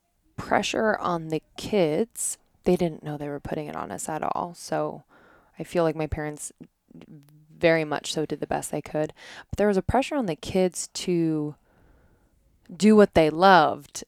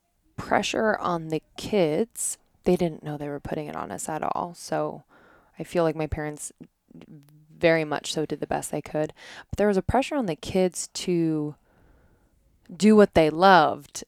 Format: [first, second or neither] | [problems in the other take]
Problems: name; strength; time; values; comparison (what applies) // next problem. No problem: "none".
neither | none